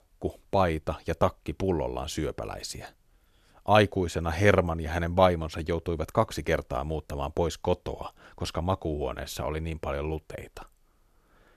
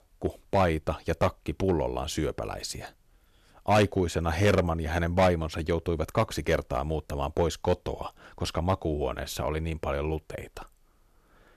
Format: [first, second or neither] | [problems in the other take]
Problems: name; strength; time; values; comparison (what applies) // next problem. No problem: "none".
first | distortion; slight; 1.8% of the sound clipped